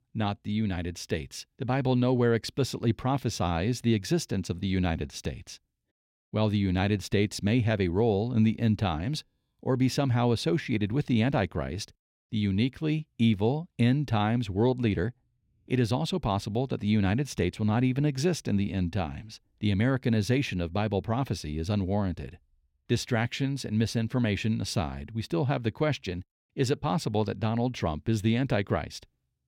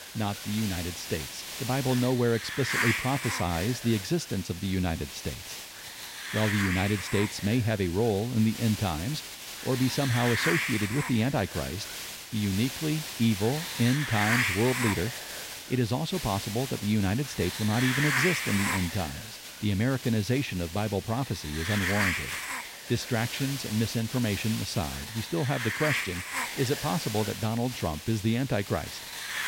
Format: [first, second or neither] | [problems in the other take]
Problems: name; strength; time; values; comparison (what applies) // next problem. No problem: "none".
first | hiss; loud; throughout; 4 dB below the speech